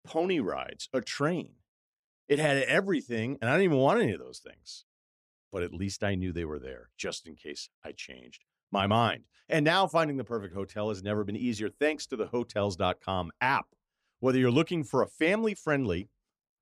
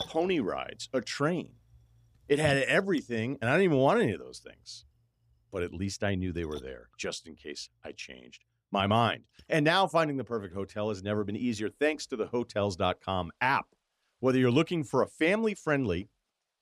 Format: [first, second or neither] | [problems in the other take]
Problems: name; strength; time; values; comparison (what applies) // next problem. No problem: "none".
first | rain or running water; noticeable; throughout; 20 dB below the speech